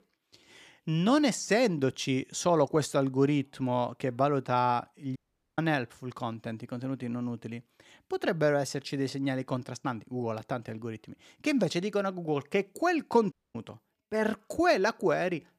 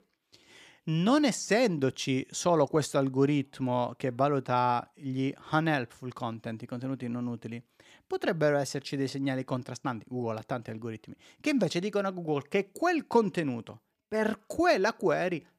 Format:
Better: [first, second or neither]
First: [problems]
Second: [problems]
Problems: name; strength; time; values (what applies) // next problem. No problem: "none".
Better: second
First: audio cutting out; at 5 s and at 13 s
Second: none